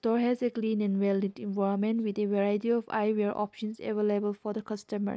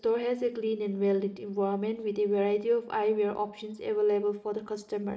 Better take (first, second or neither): first